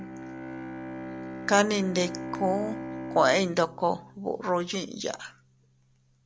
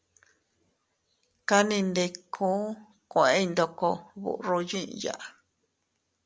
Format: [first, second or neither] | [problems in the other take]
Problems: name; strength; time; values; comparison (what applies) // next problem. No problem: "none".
second | background sound (Bowed string instrument); 10 dB below the speech